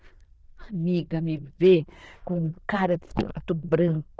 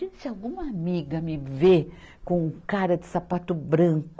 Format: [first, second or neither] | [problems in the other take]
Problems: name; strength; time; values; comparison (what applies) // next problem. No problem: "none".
second | noise reduction (neural diffusion model UNIVERSE++)